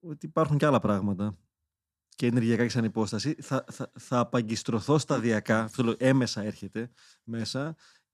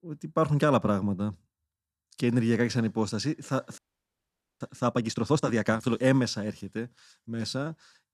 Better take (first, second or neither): first